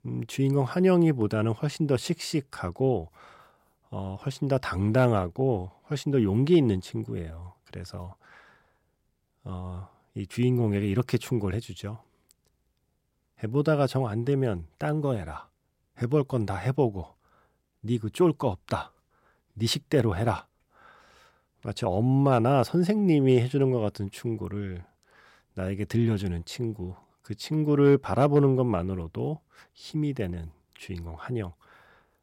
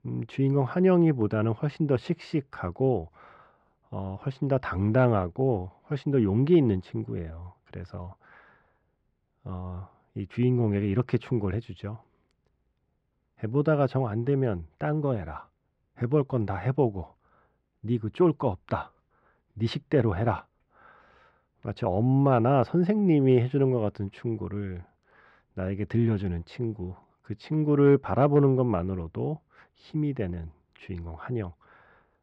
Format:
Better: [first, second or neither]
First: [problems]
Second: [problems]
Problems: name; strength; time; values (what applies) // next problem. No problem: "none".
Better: first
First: none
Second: muffled; slightly; fading above 2.5 kHz